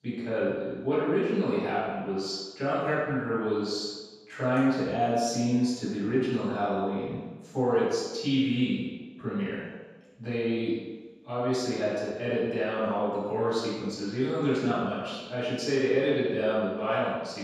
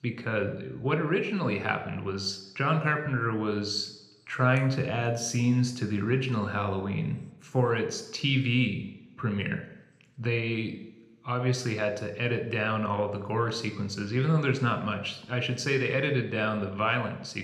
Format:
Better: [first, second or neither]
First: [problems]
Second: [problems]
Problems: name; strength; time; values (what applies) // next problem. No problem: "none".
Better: second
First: room echo; strong; dies away in 1.2 s // off-mic speech; far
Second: room echo; slight; dies away in 0.8 s